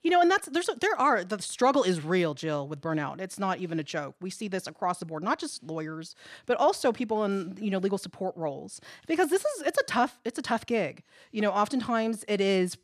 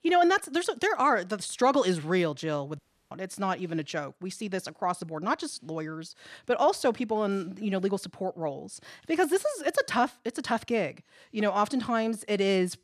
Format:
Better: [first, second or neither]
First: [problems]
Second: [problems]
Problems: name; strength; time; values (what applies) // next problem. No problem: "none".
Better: first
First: none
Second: audio cutting out; at 3 s